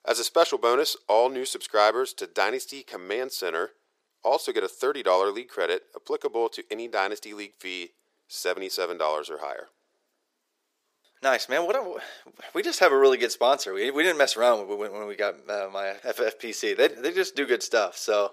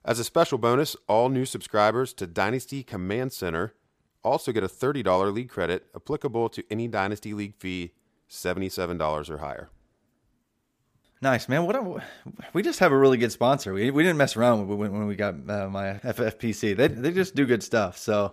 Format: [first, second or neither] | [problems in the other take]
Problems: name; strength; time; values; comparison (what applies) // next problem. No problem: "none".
second | thin; very; fading below 400 Hz